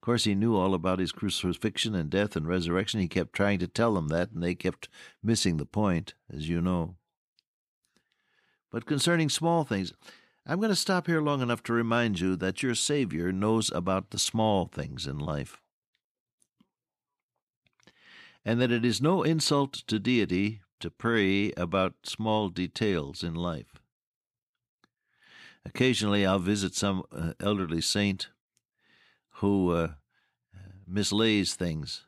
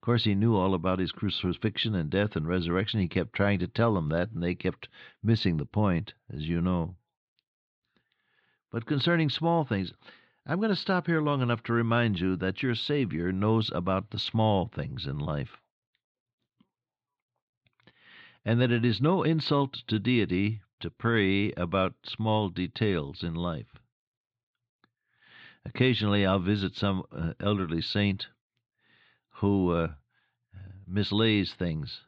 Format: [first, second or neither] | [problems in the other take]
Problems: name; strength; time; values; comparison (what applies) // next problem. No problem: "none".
first | muffled; very slightly; fading above 4 kHz